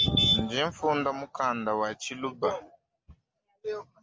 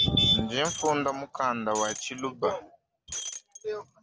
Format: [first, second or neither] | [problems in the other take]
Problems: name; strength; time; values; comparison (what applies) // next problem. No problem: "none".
first | background sound (Shatter); 11 dB below the speech